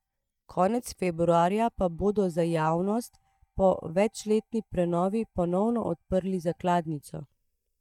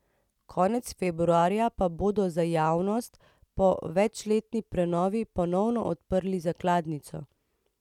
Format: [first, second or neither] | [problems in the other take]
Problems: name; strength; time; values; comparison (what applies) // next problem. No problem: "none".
second | noise reduction (neural mask model DeepFilterNet 3)